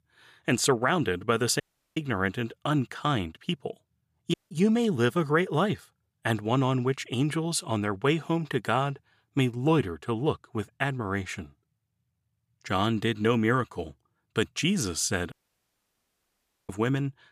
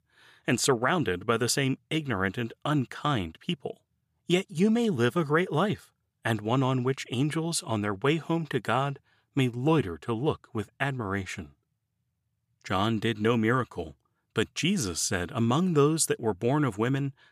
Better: second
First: audio cutting out; at 1.5 s, at 4.5 s and at 15 s for 1.5 s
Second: none

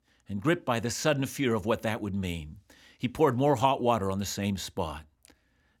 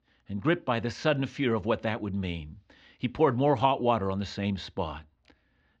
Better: first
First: none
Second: muffled; slightly; fading above 4.5 kHz

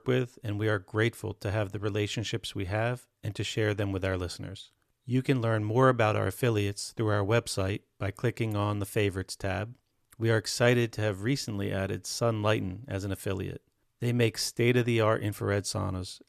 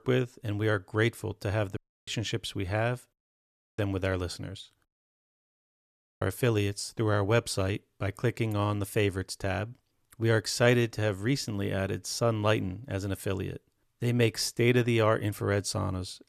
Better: first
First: none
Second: audio cutting out; at 2 s, at 3 s for 0.5 s and at 5 s for 1.5 s

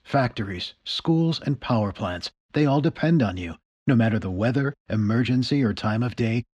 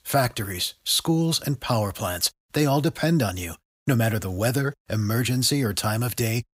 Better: second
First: muffled; slightly; fading above 3.5 kHz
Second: none

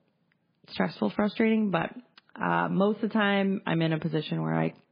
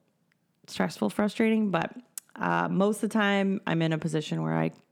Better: second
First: garbled, watery; badly; nothing above 4 kHz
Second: none

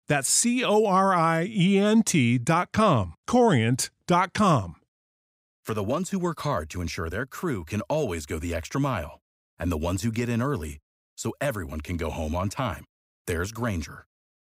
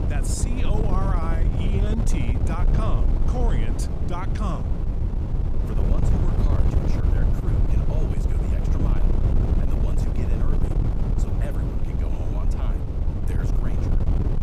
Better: first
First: none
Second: wind noise on the microphone; heavy; 1 dB above the speech

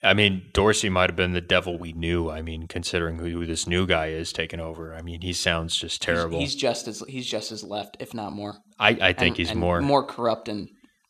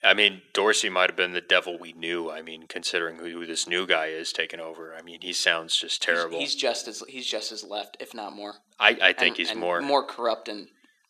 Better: first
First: none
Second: thin; somewhat; fading below 300 Hz

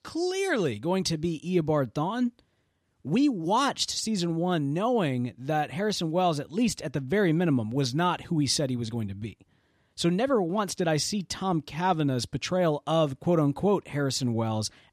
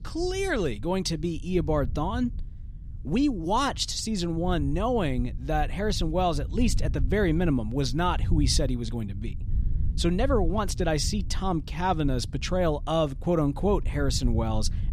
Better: first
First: none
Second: low rumble; faint; throughout; 20 dB below the speech

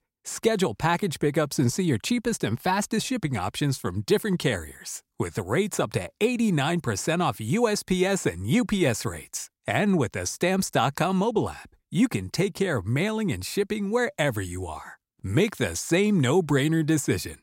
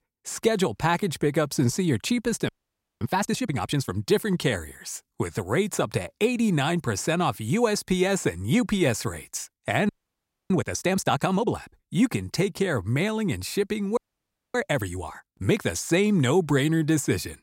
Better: first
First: none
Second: audio freezing; at 2.5 s for 0.5 s, at 10 s for 0.5 s and at 14 s for 0.5 s

